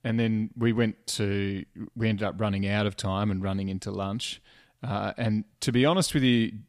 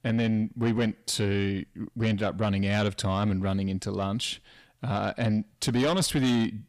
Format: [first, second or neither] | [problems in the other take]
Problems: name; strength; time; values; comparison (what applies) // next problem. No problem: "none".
first | distortion; slight; 10 dB below the speech